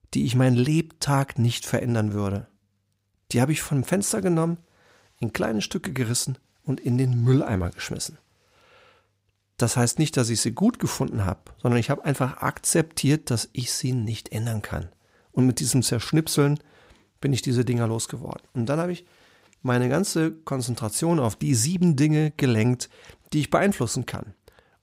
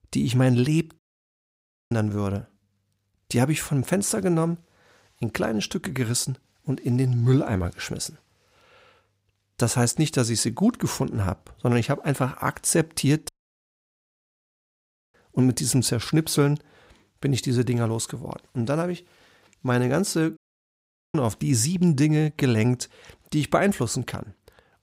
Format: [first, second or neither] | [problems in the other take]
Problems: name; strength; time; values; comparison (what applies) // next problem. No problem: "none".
first | audio cutting out; at 1 s for 1 s, at 13 s for 2 s and at 20 s for 1 s